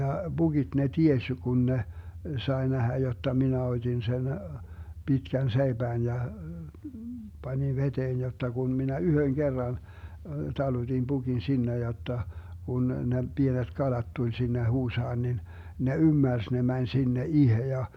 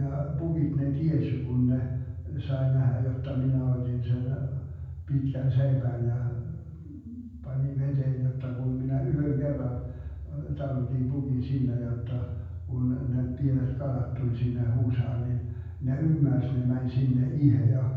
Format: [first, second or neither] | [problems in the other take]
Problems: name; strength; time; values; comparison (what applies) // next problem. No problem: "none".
first | room echo; dies away in 1.2 s